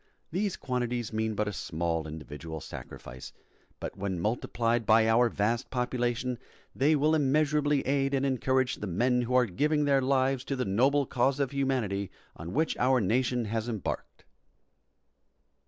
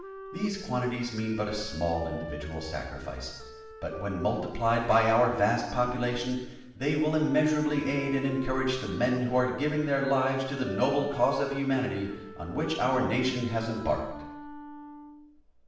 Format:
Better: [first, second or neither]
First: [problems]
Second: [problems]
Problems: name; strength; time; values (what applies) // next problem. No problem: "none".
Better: first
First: none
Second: background sound (Wind instrument, woodwind instrument); 15 dB below the speech // room echo; dies away in 1 s